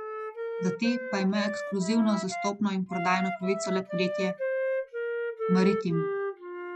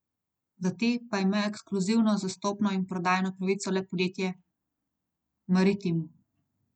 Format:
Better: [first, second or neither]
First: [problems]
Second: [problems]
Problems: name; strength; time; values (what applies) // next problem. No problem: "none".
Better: second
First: noise reduction (classical method log-MMSE)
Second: none